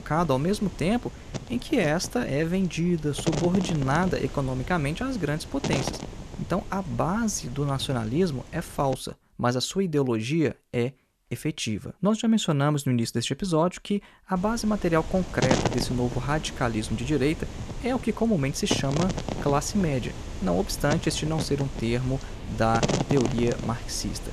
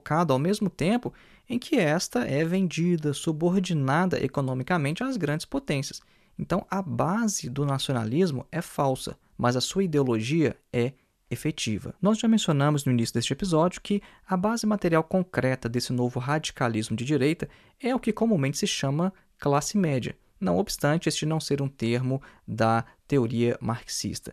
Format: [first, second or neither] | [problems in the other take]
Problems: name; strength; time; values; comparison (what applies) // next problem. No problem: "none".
second | wind noise on the microphone; heavy; until 9 s and from 14 s on; 7 dB below the speech